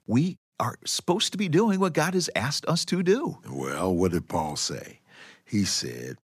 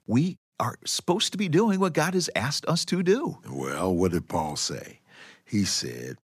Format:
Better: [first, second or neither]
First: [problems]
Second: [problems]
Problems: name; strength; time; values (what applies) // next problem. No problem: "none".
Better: neither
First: none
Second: none